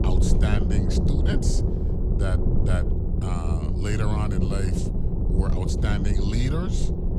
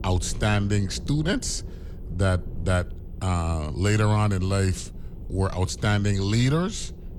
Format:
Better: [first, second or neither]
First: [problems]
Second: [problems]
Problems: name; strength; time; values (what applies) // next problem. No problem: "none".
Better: second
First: low rumble; loud; throughout; 1 dB below the speech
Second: low rumble; faint; throughout; 20 dB below the speech